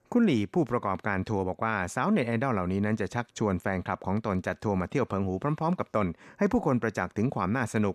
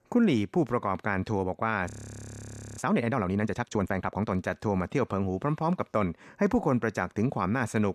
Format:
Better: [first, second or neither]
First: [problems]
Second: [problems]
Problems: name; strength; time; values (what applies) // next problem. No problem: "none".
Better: first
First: none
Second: audio freezing; at 2 s for 1 s